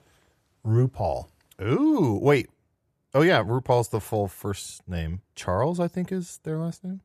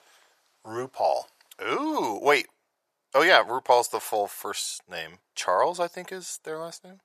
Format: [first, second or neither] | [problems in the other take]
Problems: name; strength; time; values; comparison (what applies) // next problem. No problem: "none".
first | thin; very; fading below 750 Hz